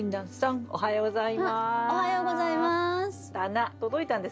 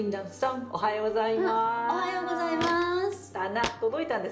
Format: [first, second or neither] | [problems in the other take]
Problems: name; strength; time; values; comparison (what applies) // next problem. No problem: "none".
first | background sound (Walk, footsteps); 12 dB below the speech // room echo; dies away in 0.6 s